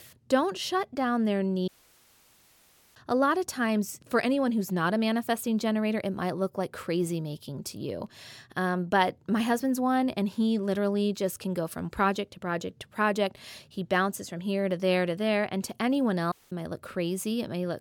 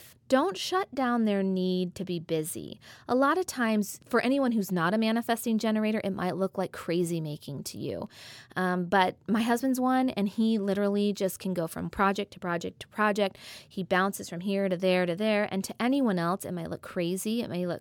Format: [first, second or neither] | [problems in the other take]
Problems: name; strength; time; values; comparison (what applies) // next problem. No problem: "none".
second | audio cutting out; at 1.5 s for 1.5 s and at 16 s